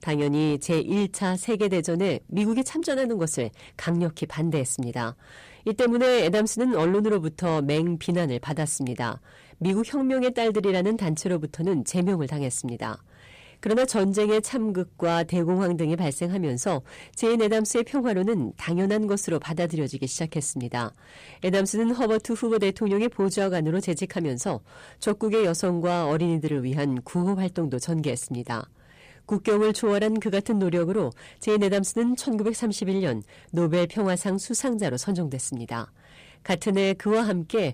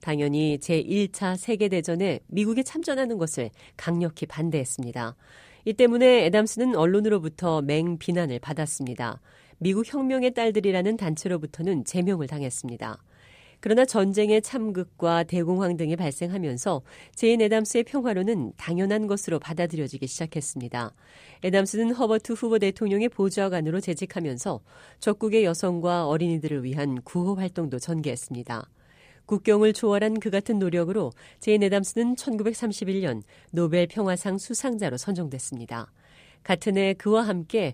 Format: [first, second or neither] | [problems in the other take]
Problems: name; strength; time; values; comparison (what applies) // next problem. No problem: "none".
second | distortion; slight; 10 dB below the speech